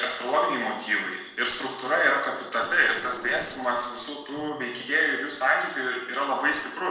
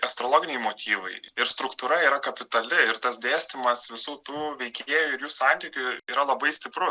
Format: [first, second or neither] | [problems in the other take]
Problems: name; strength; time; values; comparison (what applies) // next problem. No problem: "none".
second | noise reduction (neural separator model SepFormer DNS4)